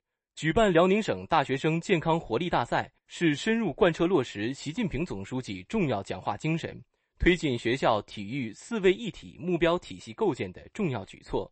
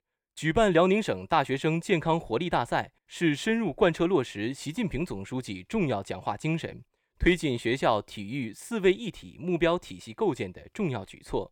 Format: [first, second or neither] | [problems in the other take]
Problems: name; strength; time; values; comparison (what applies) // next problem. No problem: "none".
second | garbled, watery; slightly; nothing above 8 kHz